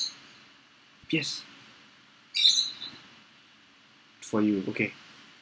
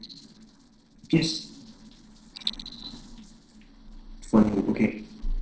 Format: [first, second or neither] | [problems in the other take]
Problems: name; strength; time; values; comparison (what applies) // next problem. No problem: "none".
first | noise reduction (neural separator model SepFormer DNS4)